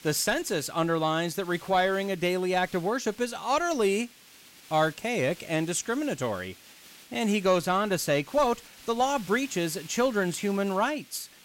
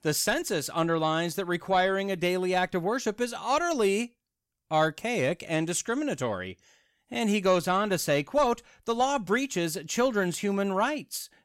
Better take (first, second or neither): second